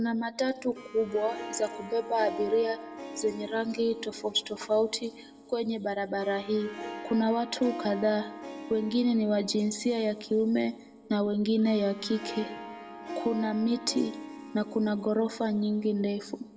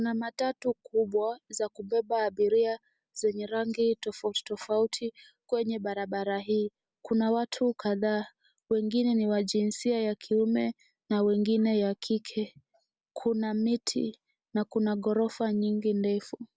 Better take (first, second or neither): second